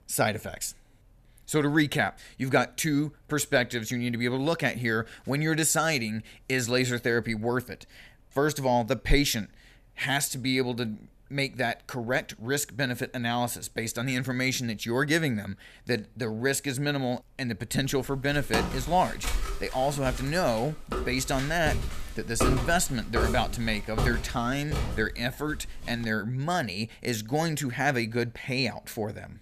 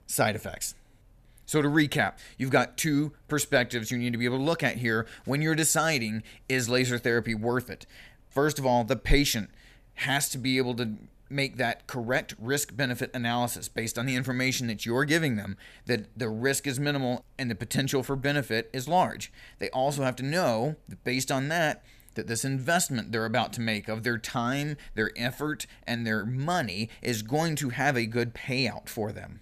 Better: second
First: footsteps; loud; from 18 to 26 s; peak 1 dB above the speech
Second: none

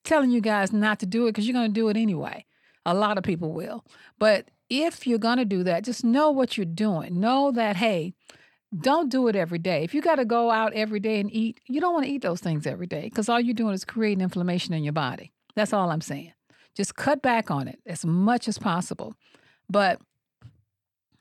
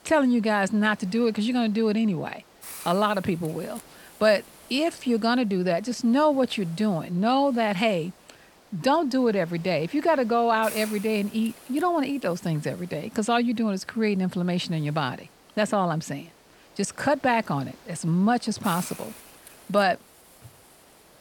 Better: first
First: none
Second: hiss; faint; throughout; 20 dB below the speech

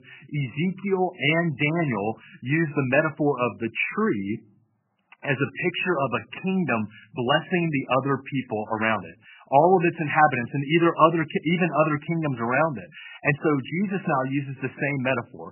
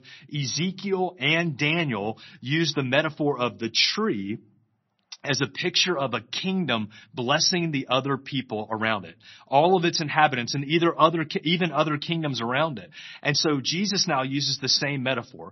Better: second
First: garbled, watery; badly; nothing above 3 kHz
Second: garbled, watery; slightly; nothing above 6 kHz

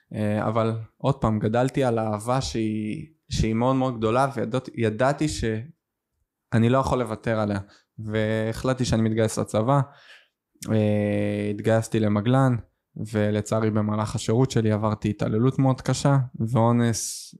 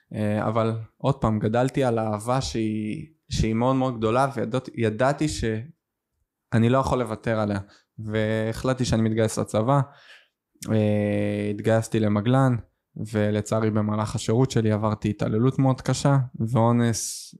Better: neither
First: none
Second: none

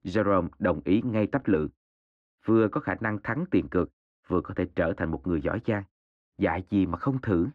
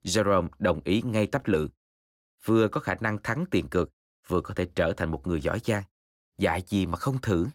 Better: second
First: muffled; very; fading above 2 kHz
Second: none

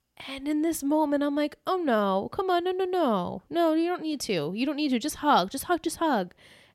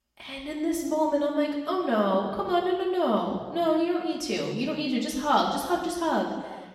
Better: first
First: none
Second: room echo; noticeable; dies away in 1.2 s // off-mic speech; far

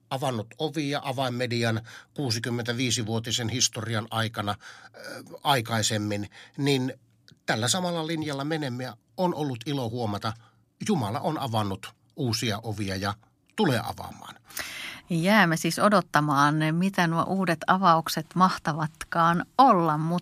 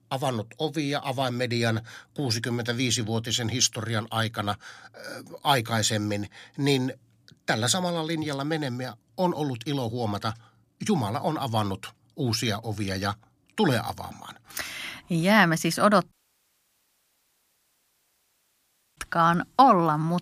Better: first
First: none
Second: audio cutting out; at 16 s for 3 s

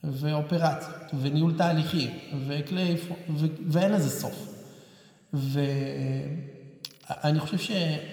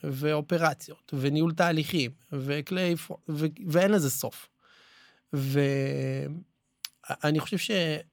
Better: second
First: room echo; slight; dies away in 2.1 s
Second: none

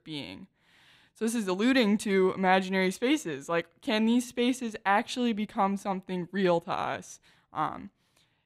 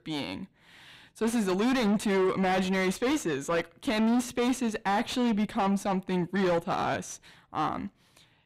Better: first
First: none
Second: distortion; heavy; 5 dB below the speech

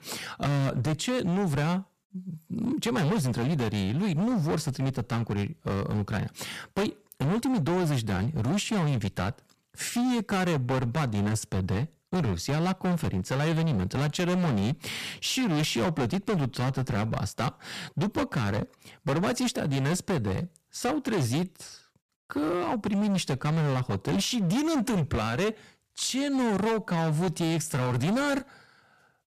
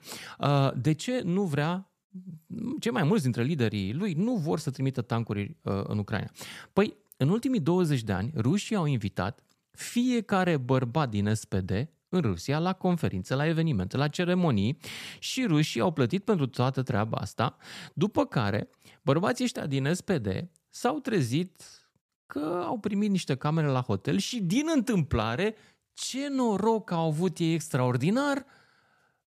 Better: second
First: distortion; heavy; 24% of the sound clipped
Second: none

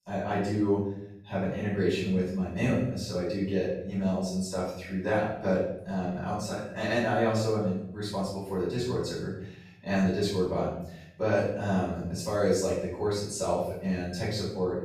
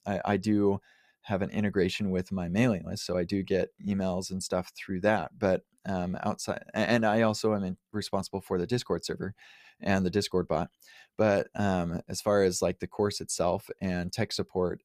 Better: second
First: off-mic speech; far // room echo; noticeable; dies away in 0.7 s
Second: none

